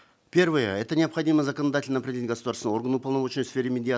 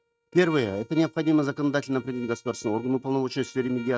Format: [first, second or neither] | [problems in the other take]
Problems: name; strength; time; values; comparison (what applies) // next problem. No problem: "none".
first | noise reduction (neural mask model RNNoise)